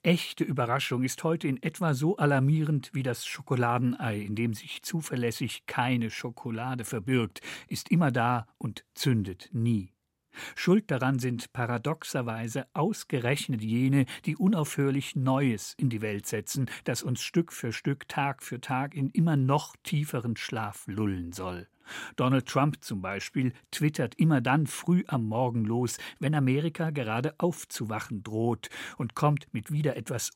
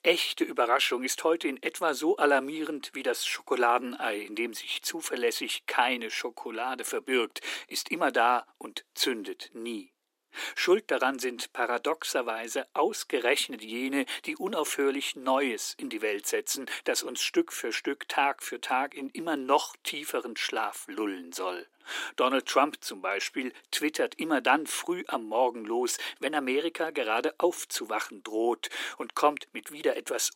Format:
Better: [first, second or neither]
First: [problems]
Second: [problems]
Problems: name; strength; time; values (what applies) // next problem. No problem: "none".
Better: first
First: none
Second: thin; very; fading below 300 Hz